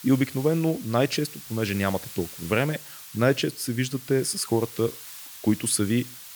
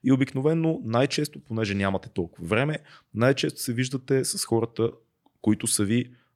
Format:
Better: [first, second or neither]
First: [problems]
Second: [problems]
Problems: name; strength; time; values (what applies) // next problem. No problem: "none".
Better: second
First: hiss; noticeable; throughout; 15 dB below the speech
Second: none